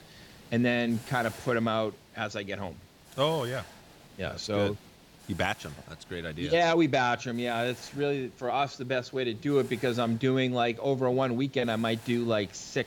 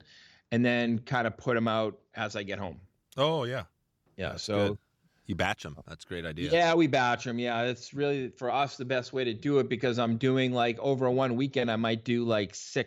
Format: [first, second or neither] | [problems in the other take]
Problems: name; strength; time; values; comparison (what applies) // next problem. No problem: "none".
second | hiss; faint; throughout; 20 dB below the speech